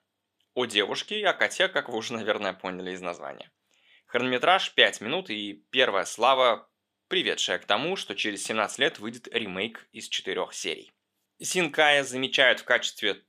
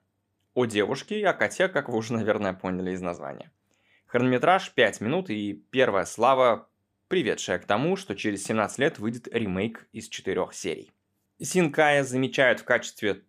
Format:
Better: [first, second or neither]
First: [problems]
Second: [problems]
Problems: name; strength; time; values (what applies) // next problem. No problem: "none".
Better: second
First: thin; very slightly; fading below 550 Hz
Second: none